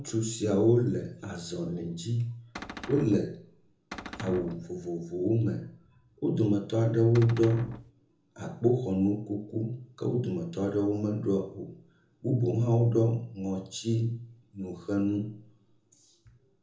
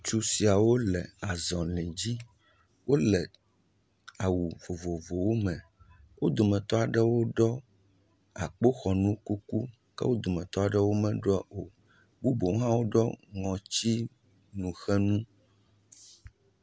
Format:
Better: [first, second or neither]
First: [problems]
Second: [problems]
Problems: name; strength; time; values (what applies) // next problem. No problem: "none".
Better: second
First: background sound (Cupboard open or close); 12 dB below the speech // room echo; dies away in 0.6 s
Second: none